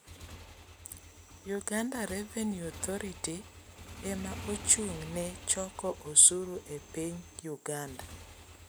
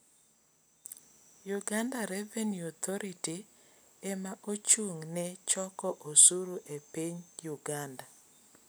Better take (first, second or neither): second